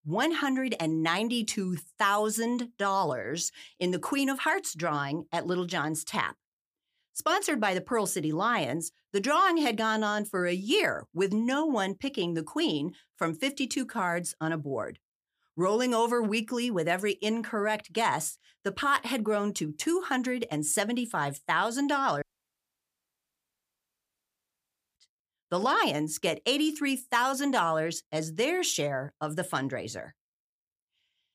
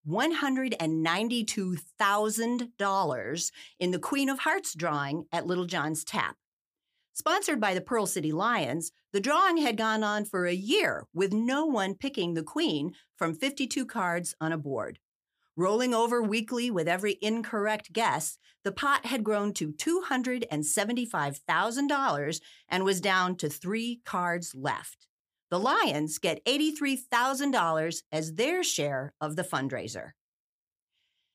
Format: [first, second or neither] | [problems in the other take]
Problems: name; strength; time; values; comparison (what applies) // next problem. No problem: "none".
second | audio cutting out; at 22 s for 2.5 s